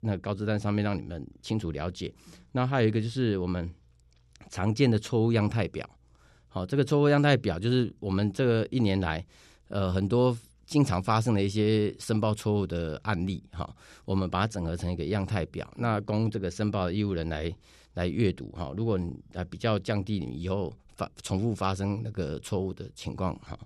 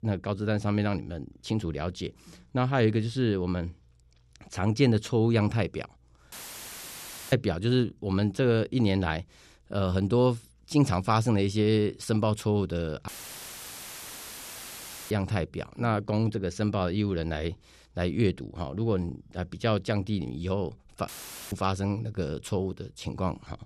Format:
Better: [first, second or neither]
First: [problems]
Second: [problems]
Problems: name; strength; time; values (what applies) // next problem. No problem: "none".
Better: first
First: none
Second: audio cutting out; filled with static; at 6.5 s for 1 s, at 13 s for 2 s and at 21 s